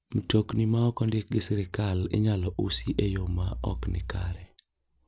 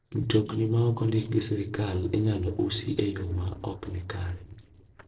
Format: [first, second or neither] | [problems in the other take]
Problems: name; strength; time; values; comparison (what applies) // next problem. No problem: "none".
first | noise reduction (neural separator model SepFormer DNS4)